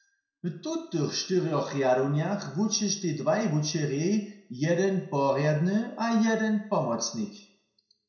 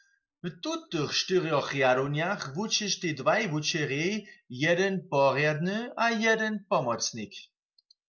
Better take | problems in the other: second | room echo; dies away in 0.5 s

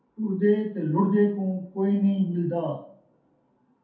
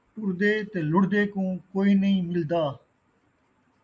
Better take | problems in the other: second | room echo; dies away in 0.5 s

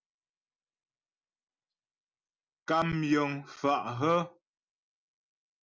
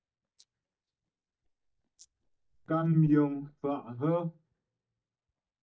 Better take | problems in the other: first | noise reduction (neural mask model DeepFilterNet 3)

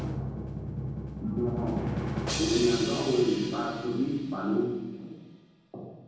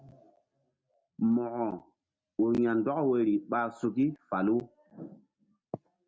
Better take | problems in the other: second | background sound (Drum); 4 dB below the speech // room echo; dies away in 1.3 s

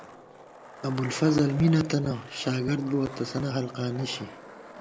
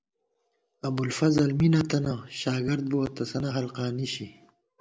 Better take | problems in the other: second | background sound (Skateboard); 15 dB below the speech

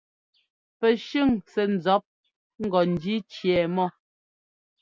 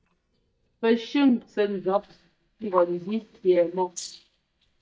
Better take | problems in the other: first | noise reduction (neural mask model DeepFilterNet 3)

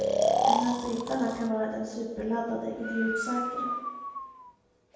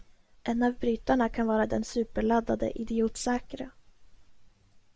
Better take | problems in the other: second | background sound (Breathing); 1 dB above the speech // room echo; dies away in 1.1 s

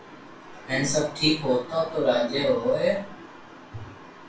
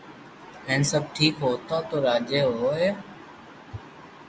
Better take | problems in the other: second | room echo; dies away in 0.3 s

